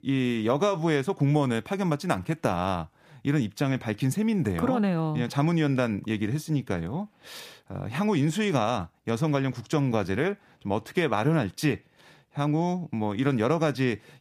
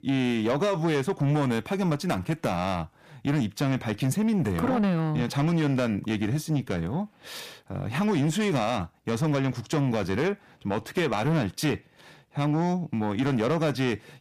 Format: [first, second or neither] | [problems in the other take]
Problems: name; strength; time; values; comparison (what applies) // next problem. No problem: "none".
first | distortion; slight; 10 dB below the speech